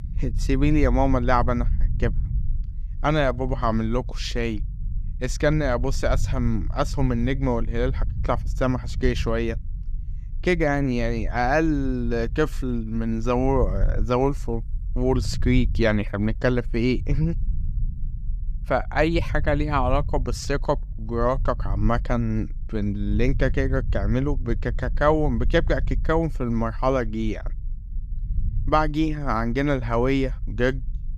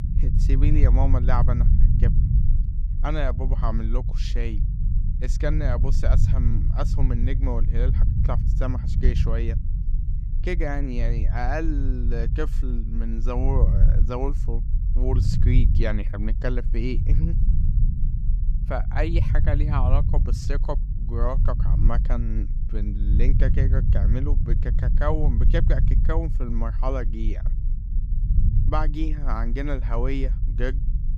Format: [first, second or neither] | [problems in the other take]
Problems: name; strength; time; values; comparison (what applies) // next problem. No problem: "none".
first | low rumble; loud; throughout; 8 dB below the speech; faint in the first